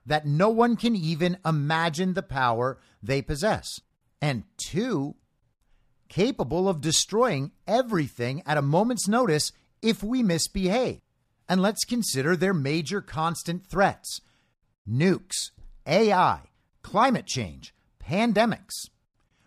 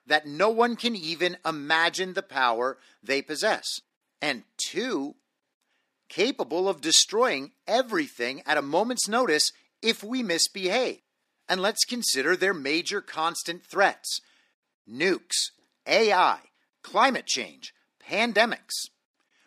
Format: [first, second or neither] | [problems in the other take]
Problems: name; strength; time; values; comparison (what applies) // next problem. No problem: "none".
first | thin; somewhat; fading below 300 Hz